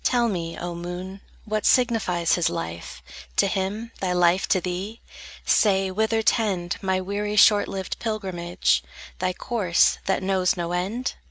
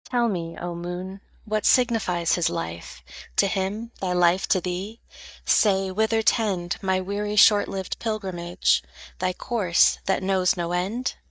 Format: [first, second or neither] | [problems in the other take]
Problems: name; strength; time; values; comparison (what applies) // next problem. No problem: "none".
first | noise reduction (neural mask model DeepFilterNet 3)